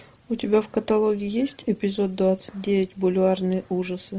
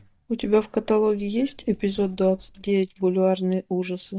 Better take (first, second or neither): first